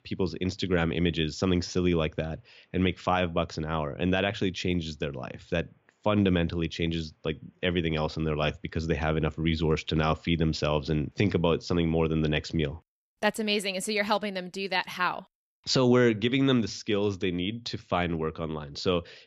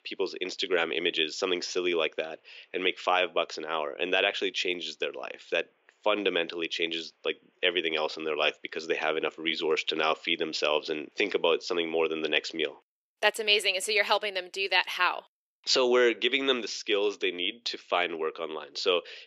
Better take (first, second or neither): first